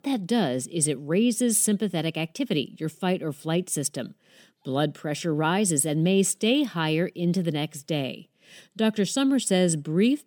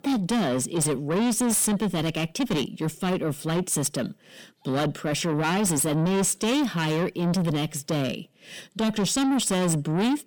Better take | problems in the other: first | distortion; heavy; 6 dB below the speech

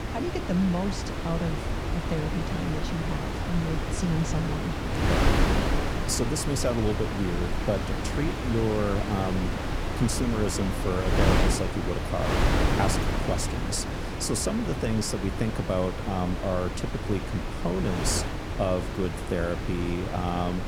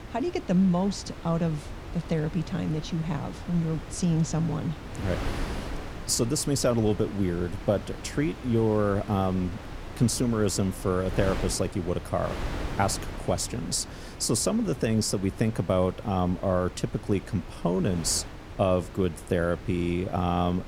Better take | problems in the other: second | wind noise on the microphone; heavy; as loud as the speech; occasional gusts in the second

